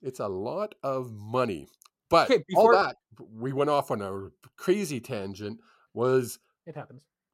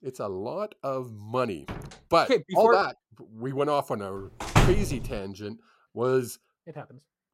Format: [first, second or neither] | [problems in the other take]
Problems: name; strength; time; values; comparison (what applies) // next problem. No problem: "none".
first | door banging; faint; at 1.5 s; peak 15 dB below the speech // door banging; loud; at 4.5 s; peak 4 dB above the speech